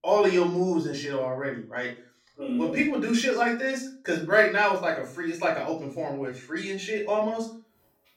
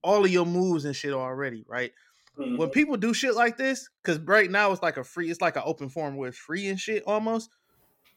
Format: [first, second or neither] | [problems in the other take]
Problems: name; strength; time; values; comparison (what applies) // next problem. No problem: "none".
second | off-mic speech; far // room echo; slight; dies away in 0.3 s